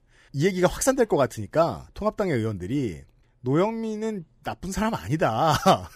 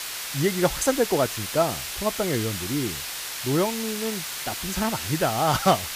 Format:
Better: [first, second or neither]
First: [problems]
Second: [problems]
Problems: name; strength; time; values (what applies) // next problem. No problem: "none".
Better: first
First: none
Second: hiss; loud; throughout; 4 dB below the speech